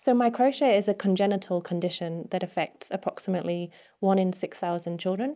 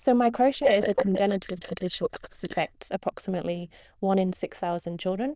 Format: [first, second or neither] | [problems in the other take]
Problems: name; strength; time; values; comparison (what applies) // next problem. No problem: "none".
first | noise reduction (neural diffusion model UNIVERSE++)